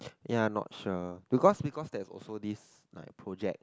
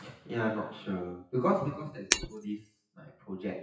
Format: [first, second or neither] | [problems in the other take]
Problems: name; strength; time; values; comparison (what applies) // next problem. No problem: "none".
first | noise reduction (classical method WPE with log-MMSE)